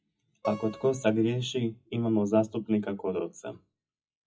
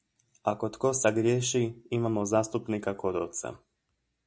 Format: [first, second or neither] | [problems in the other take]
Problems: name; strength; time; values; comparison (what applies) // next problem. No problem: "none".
second | noise reduction (classical method WPE with log-MMSE)